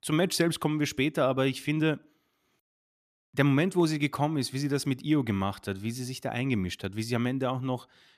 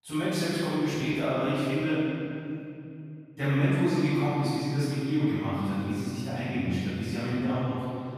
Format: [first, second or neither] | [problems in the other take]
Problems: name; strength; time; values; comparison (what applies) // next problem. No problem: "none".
first | off-mic speech; far // room echo; strong; dies away in 2.6 s